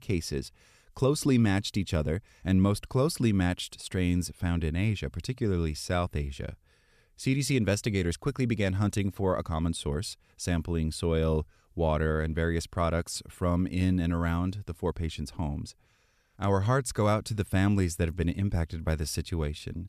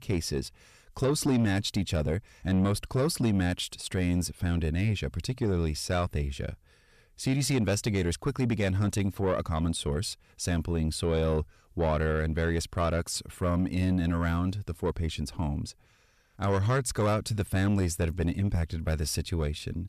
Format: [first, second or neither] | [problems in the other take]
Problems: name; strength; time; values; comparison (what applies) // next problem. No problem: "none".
first | distortion; slight; 10 dB below the speech